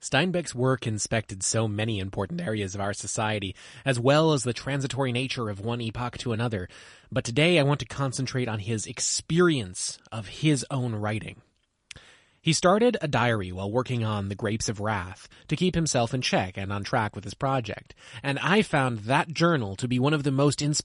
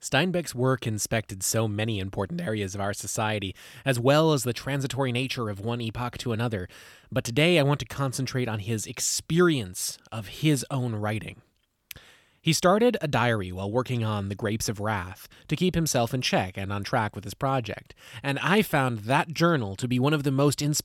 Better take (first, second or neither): second